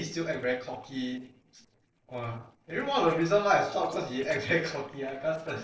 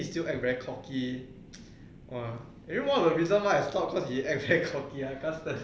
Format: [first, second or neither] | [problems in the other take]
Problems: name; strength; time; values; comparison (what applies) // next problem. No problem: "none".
second | noise reduction (neural separator model SepFormer DNS4)